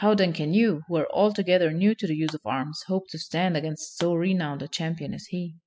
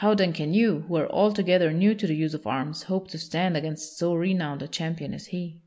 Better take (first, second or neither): second